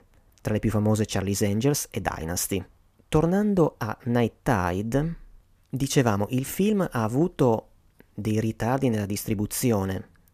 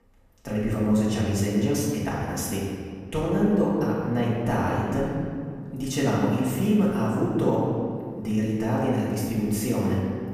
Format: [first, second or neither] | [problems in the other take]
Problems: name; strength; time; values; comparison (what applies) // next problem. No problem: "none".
first | off-mic speech; far // room echo; noticeable; dies away in 1.9 s